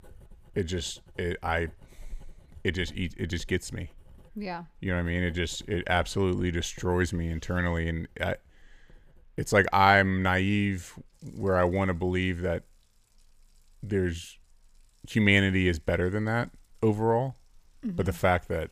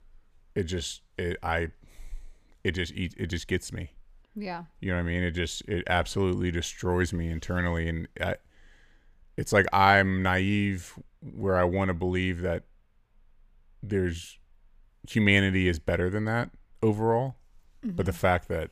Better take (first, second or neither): second